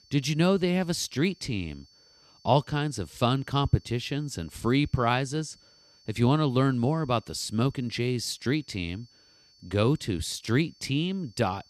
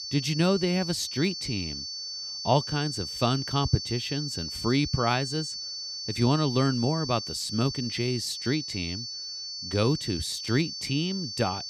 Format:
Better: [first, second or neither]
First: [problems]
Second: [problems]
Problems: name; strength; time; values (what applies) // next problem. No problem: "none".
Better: first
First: high-pitched whine; faint; throughout; 4.5 kHz, 30 dB below the speech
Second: high-pitched whine; loud; throughout; 4.5 kHz, 5 dB below the speech